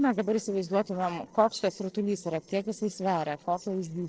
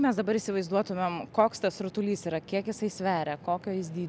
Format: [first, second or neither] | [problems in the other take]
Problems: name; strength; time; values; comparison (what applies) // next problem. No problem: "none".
second | noise reduction (neural separator model SepFormer DNS4)